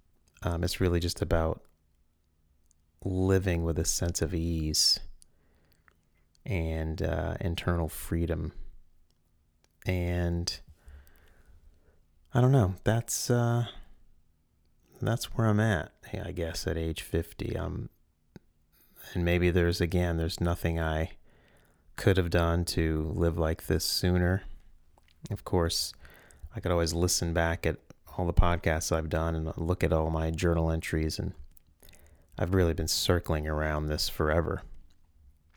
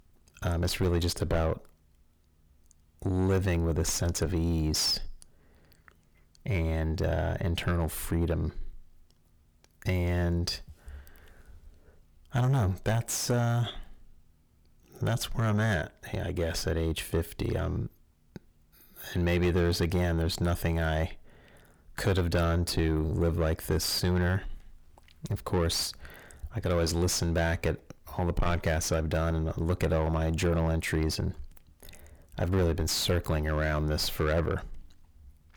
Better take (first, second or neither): first